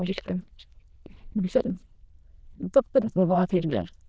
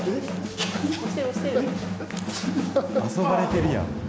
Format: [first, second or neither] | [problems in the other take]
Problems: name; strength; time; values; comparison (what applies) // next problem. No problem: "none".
second | noise reduction (neural diffusion model UNIVERSE++)